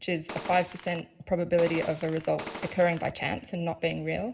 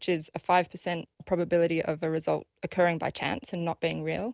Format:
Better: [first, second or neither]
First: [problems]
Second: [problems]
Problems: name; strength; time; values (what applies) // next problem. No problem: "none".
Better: second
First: background sound (Gunshot, gunfire); 12 dB below the speech // room echo; dies away in 0.4 s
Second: none